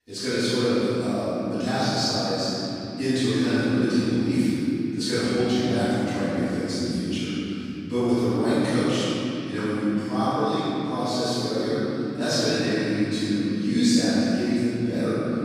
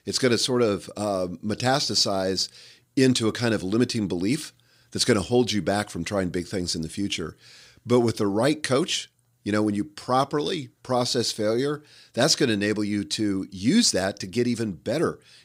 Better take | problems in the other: second | off-mic speech; far // room echo; strong; dies away in 3 s

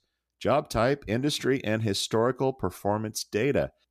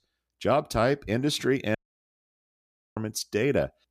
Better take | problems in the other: first | audio cutting out; at 2 s for 1 s

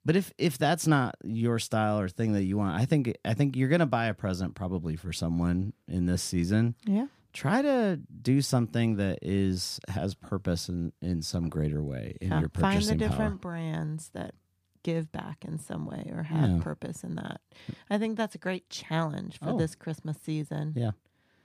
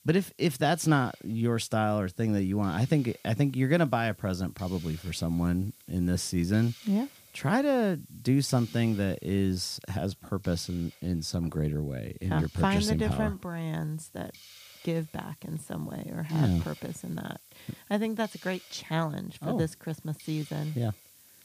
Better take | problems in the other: first | hiss; faint; throughout; 20 dB below the speech

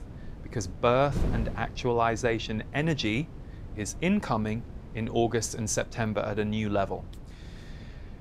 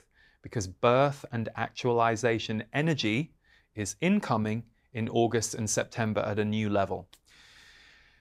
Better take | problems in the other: second | wind noise on the microphone; occasional gusts; 20 dB below the speech

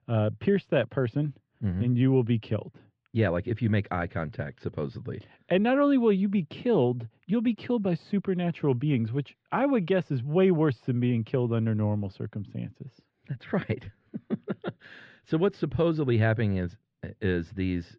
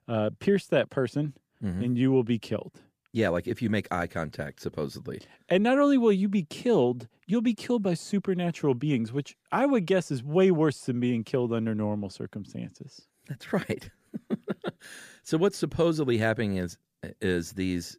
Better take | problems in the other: second | muffled; slightly; fading above 3.5 kHz

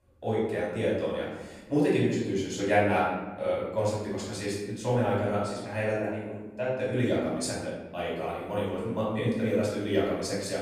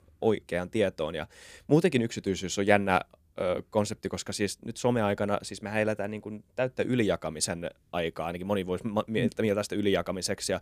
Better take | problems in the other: second | room echo; noticeable; dies away in 1.1 s // off-mic speech; far

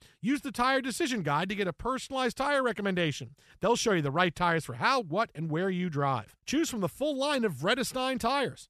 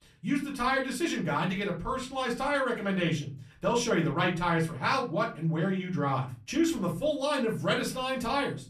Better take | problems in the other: first | off-mic speech; far // room echo; very slight; dies away in 0.4 s

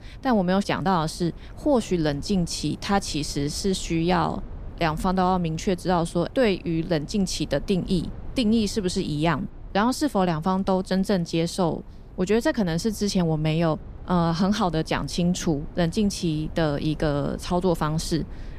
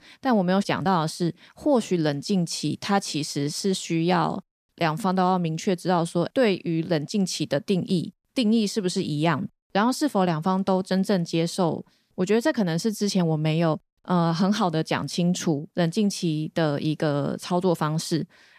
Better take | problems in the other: second | low rumble; faint; throughout; 25 dB below the speech

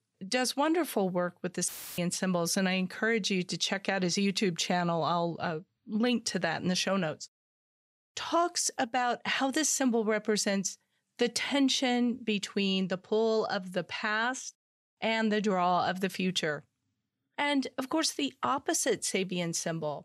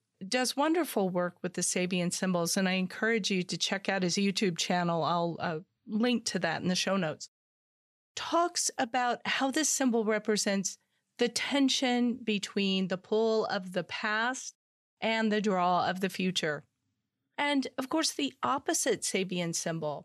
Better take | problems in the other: second | audio cutting out; filled with static; at 1.5 s

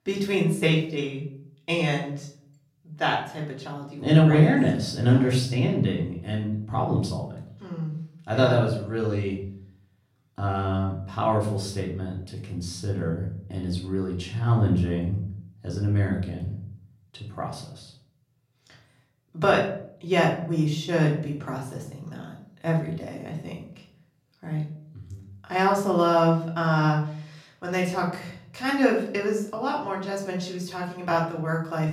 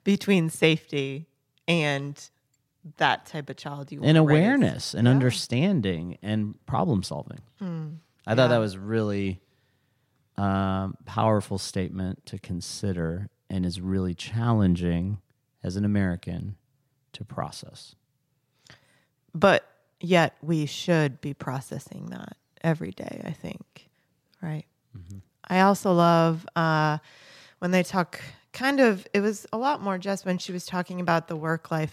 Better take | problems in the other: second | off-mic speech; far // room echo; slight; dies away in 0.5 s

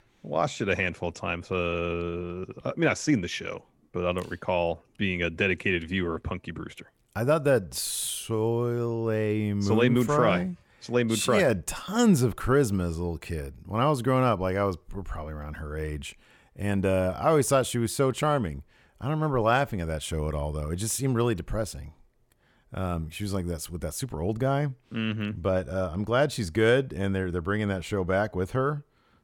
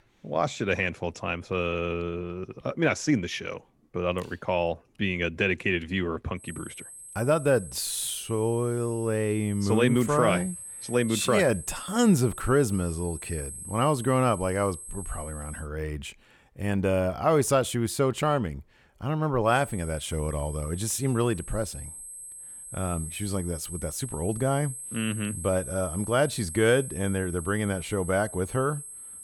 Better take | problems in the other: first | high-pitched whine; noticeable; from 6.5 to 16 s and from 20 s on; 8.5 kHz, 10 dB below the speech

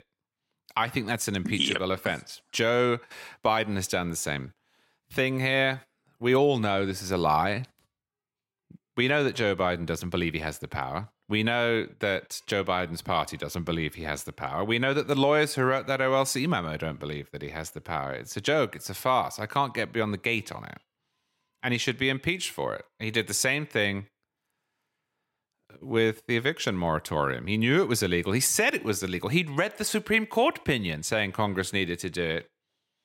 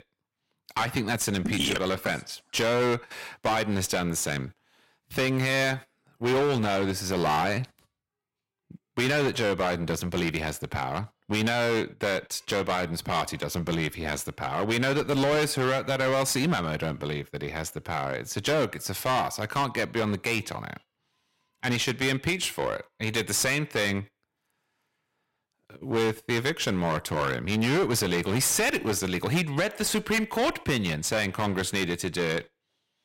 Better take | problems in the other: first | distortion; heavy; 14% of the sound clipped

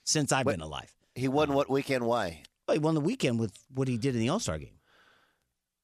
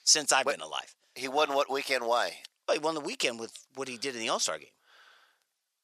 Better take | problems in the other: first | thin; very; fading below 650 Hz

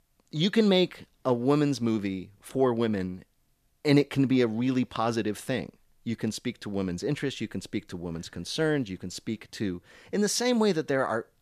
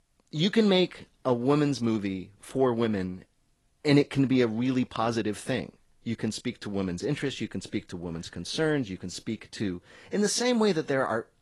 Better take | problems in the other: first | garbled, watery; slightly; nothing above 11 kHz

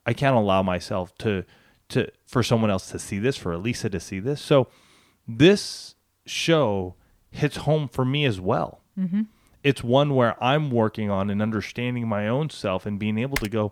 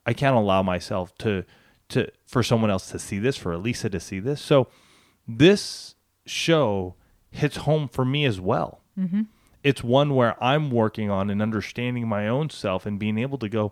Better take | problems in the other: second | keyboard typing; very faint; at 13 s; peak 7 dB below the speech

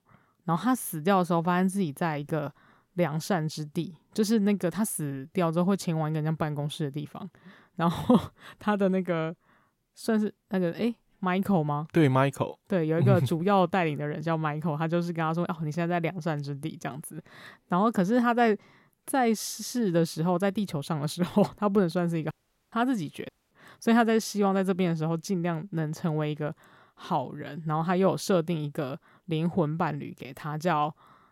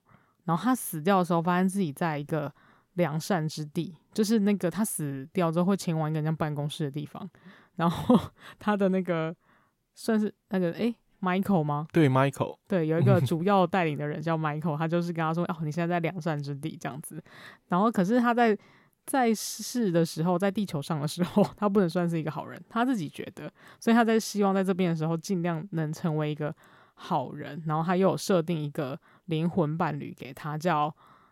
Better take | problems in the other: second | audio cutting out; at 22 s and at 23 s

